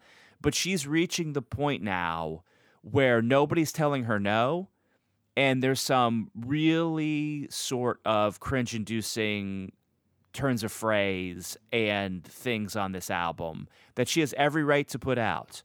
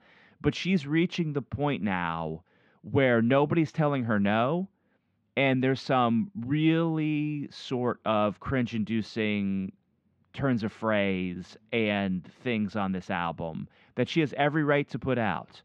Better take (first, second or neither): first